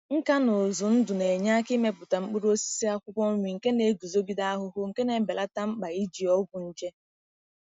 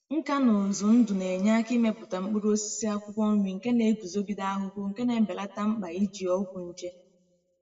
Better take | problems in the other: first | room echo; dies away in 1 s

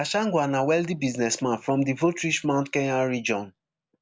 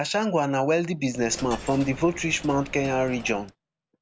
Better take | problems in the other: first | background sound (Coin (dropping)); 15 dB below the speech

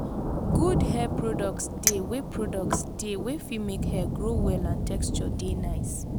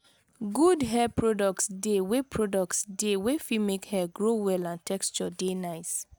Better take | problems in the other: second | background sound (Thunder + Chink, clink); 4 dB above the speech

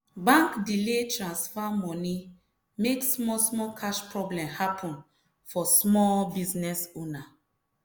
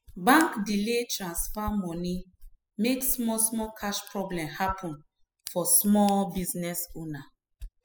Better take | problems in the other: first | noise reduction (classical method spectral subtraction)

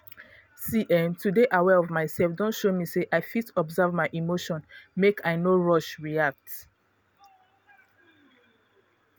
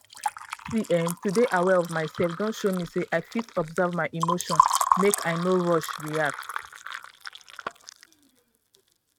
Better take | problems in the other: first | noise reduction (neural mask model RNNoise)

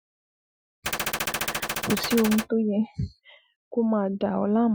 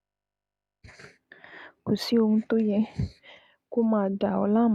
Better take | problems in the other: second | noise reduction (classical method Wiener filter)

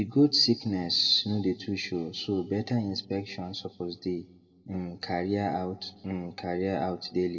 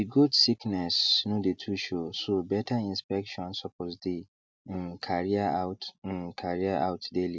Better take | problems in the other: second | room echo; dies away in 1.2 s

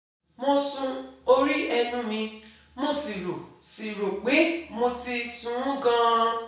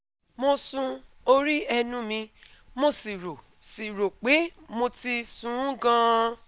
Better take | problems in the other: second | room echo; dies away in 0.6 s

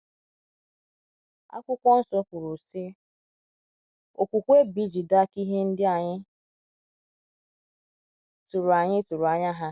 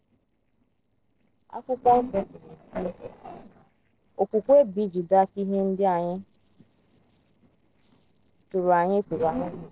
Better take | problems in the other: first | noise reduction (neural separator model SepFormer DNS4)

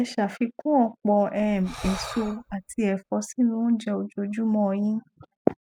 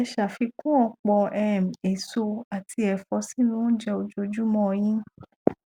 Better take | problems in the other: second | noise reduction (classical method spectral subtraction)

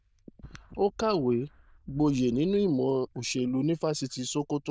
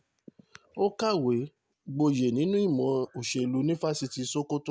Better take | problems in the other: second | noise reduction (neural diffusion model UNIVERSE++)

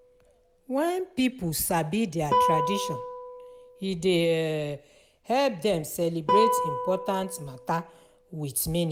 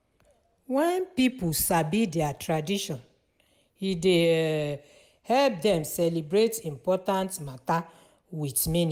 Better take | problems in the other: second | background sound (Guitar); 4 dB below the speech

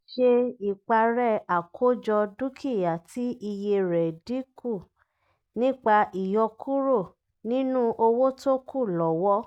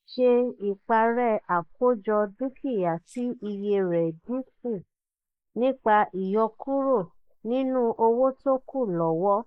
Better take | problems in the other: first | noise reduction (neural mask model Resemble Enhance denoiser)

